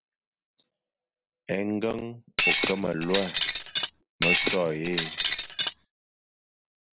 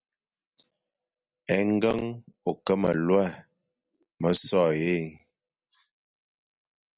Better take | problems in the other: second | background sound (Shatter); 4 dB above the speech

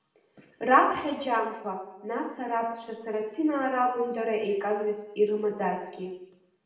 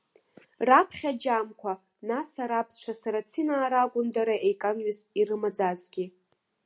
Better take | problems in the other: second | room echo; dies away in 0.8 s

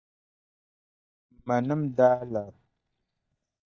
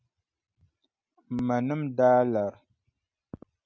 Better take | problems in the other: second | noise reduction (neural mask model DeepFilterNet 3)

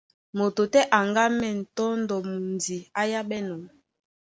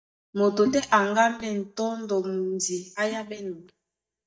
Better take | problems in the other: first | noise reduction (neural mask model DeepFilterNet 3)

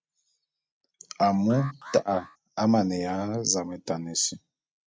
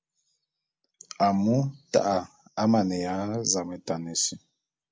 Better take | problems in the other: second | noise reduction (neural mask model RNNoise)

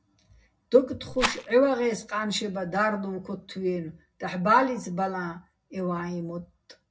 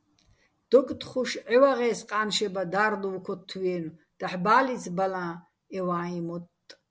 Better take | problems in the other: second | background sound (Rattle); 5 dB below the speech // room echo; dies away in 0.4 s

